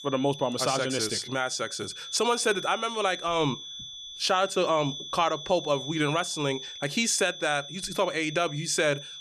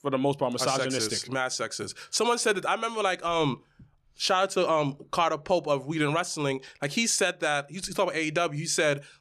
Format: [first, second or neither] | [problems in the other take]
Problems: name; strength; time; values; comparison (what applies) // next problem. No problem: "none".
second | high-pitched whine; noticeable; throughout; 3.5 kHz, 10 dB below the speech